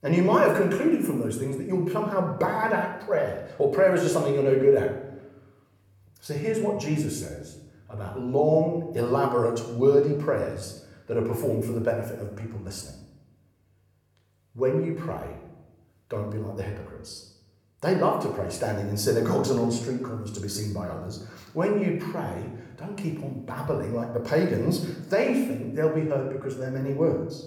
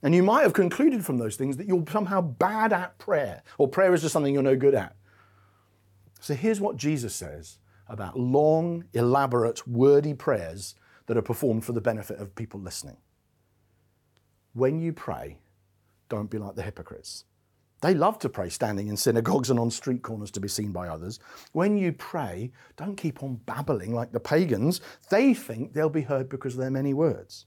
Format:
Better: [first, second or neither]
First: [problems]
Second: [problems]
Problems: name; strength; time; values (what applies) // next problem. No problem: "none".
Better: second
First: room echo; slight; dies away in 0.7 s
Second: none